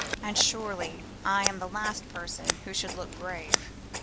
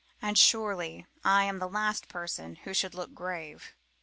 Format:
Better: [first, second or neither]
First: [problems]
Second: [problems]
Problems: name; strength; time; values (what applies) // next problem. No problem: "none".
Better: second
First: background sound (Scissors); 2 dB below the speech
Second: none